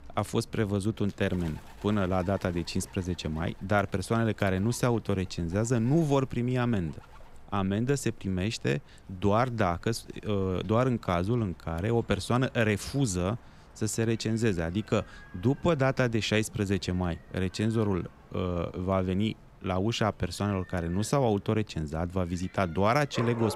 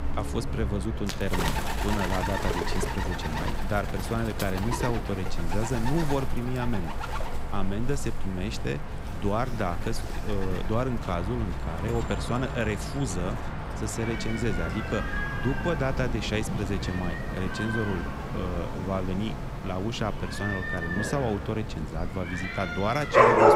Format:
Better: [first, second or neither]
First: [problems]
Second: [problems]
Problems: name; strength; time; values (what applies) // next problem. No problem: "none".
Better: first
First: animal sounds; faint; throughout; 20 dB below the speech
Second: animal sounds; loud; throughout; as loud as the speech